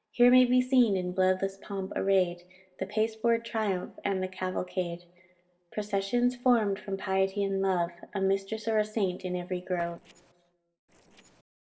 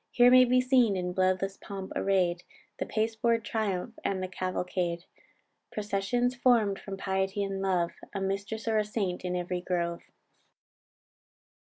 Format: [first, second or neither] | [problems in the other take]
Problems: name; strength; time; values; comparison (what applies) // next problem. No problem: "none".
second | noise reduction (neural separator model SepFormer DNS4)